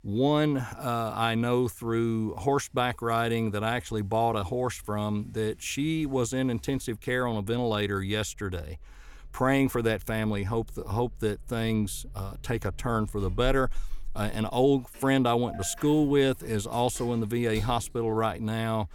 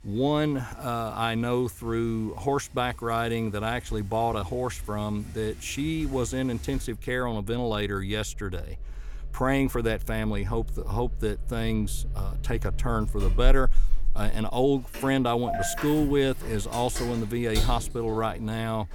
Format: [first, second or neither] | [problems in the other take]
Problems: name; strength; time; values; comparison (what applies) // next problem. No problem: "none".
first | traffic noise; loud; throughout; 8 dB below the speech; faint in the first